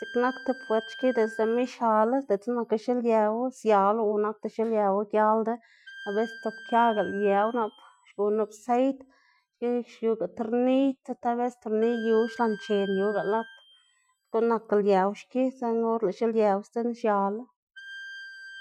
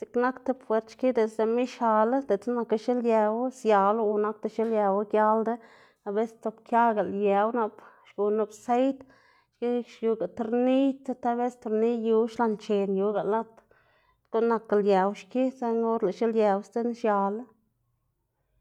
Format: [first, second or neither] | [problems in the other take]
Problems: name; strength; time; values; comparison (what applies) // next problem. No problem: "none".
second | noise reduction (classical method Wiener filter)